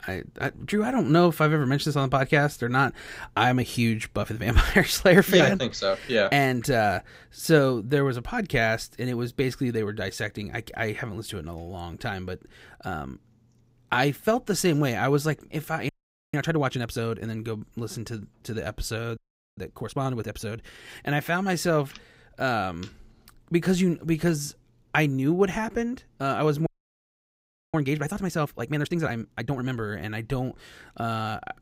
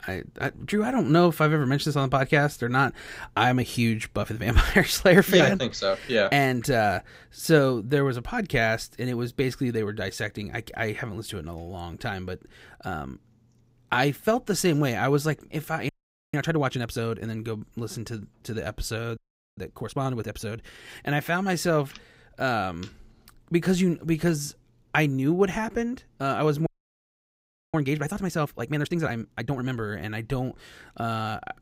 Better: neither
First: audio freezing; at 16 s, at 19 s and at 27 s for 1 s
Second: audio freezing; at 16 s, at 19 s and at 27 s for 1 s

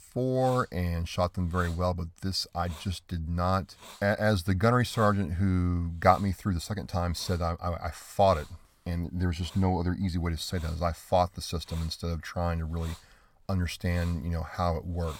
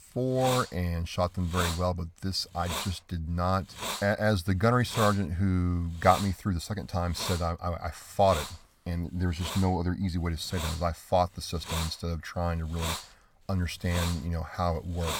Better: first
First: hiss; faint; throughout; 20 dB below the speech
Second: hiss; loud; throughout; 8 dB below the speech

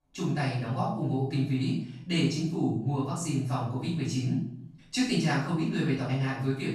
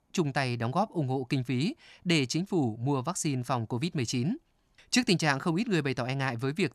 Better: second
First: off-mic speech; far // room echo; noticeable; dies away in 0.6 s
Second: none

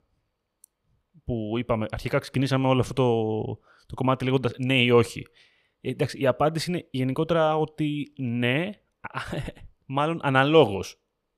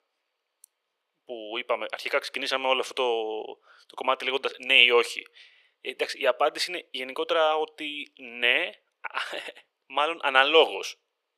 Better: first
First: none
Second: thin; very; fading below 400 Hz

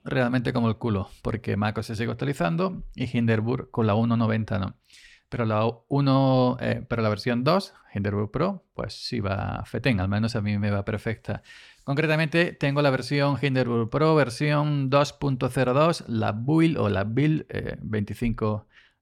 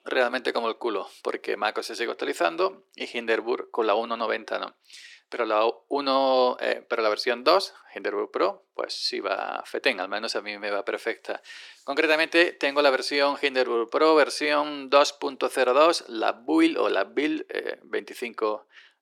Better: first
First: none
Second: thin; very; fading below 350 Hz

